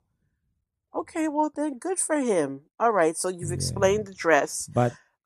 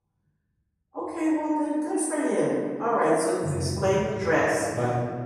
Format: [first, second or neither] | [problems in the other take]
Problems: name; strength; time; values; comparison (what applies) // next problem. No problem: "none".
first | off-mic speech; far // room echo; strong; dies away in 2 s